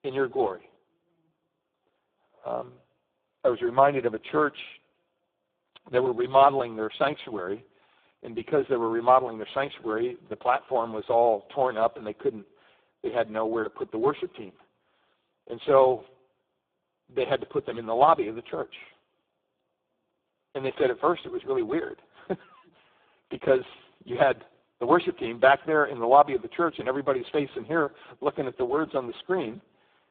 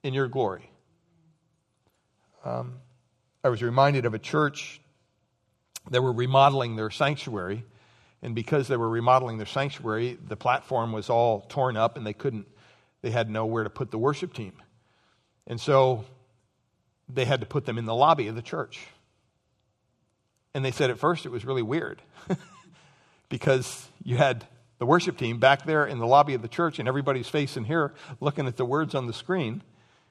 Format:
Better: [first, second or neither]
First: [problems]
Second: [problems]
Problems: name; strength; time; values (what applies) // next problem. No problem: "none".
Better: second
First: phone-call audio; poor line; nothing above 3.5 kHz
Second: none